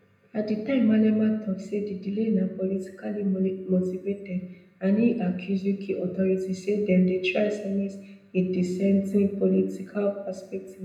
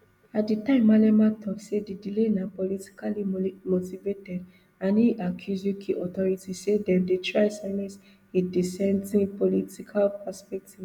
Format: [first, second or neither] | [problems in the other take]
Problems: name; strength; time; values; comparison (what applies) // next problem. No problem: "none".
second | room echo; dies away in 0.8 s